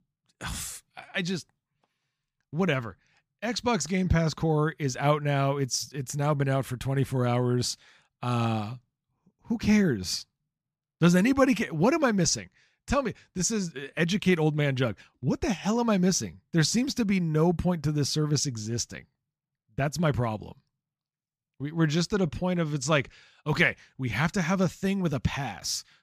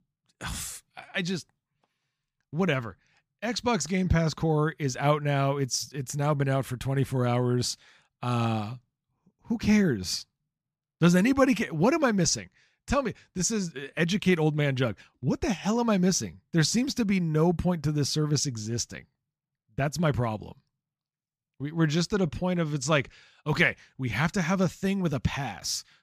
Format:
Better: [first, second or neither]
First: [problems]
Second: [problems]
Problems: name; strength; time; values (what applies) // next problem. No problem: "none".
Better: neither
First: none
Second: none